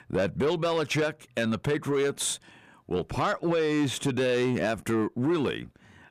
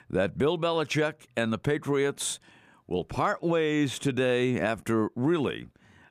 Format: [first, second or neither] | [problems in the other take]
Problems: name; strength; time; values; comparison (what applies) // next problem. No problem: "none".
second | distortion; slight; 10 dB below the speech